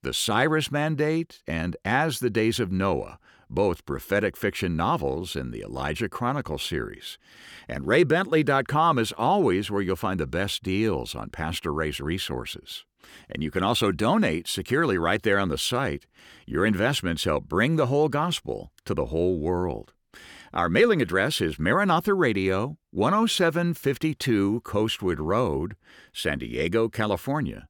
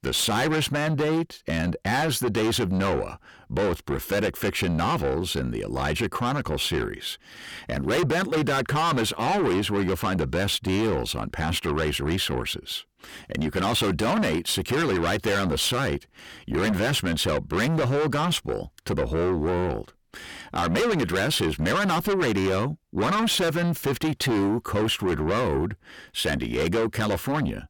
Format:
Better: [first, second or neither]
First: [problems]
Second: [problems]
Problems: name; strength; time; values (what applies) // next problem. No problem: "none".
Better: first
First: none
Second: distortion; heavy; 6 dB below the speech